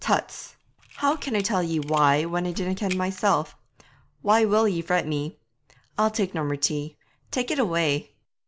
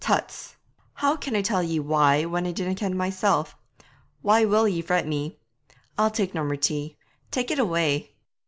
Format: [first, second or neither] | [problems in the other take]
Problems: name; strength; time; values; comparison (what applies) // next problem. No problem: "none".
second | background sound (Slam + Camera); 18 dB below the speech